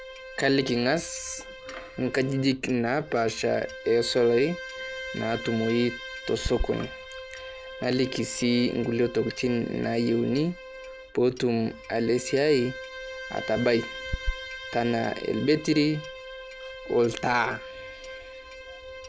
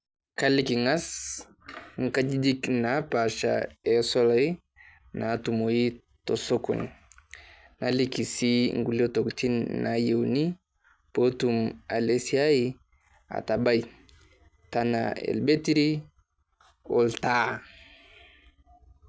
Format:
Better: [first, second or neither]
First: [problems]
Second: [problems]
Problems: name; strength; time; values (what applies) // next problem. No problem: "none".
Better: second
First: background sound (Bowed string instrument + Clock); 11 dB below the speech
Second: none